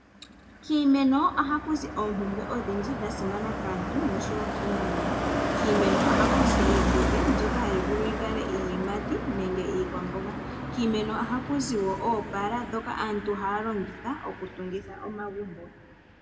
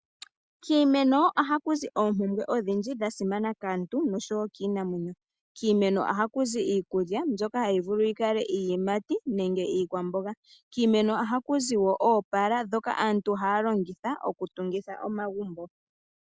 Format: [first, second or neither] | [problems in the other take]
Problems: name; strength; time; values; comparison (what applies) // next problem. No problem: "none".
second | background sound (Car passing by); as loud as the speech // room echo; dies away in 1.4 s